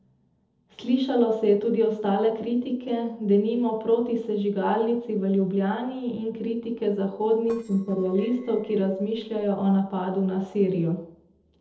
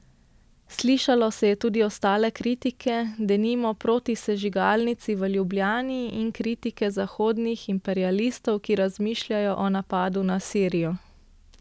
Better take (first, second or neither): second